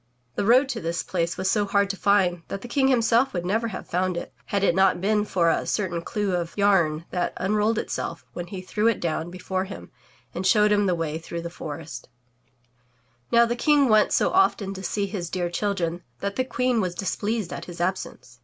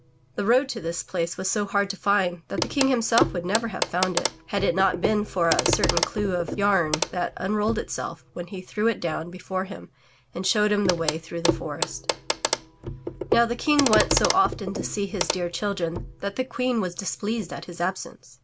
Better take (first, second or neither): first